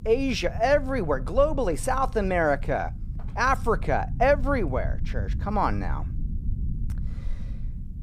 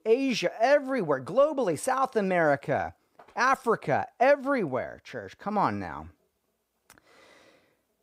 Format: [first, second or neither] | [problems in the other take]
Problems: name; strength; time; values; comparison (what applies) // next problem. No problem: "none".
second | low rumble; faint; throughout; 25 dB below the speech